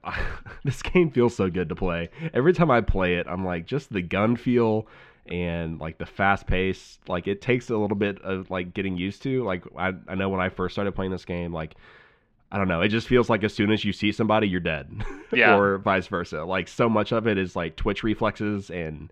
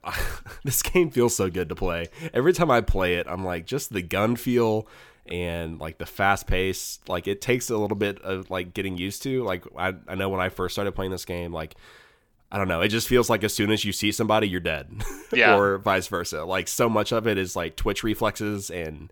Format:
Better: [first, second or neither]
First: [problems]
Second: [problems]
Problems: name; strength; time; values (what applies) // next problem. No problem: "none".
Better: second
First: muffled; slightly; fading above 2.5 kHz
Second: none